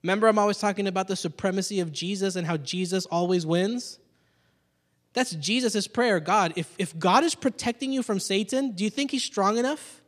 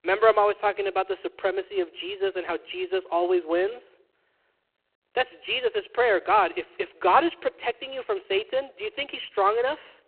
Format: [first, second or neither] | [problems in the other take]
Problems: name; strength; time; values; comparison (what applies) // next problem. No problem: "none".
first | phone-call audio; poor line